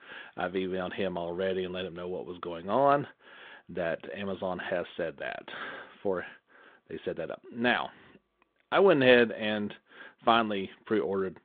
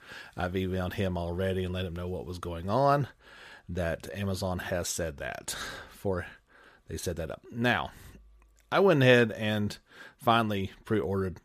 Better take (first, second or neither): second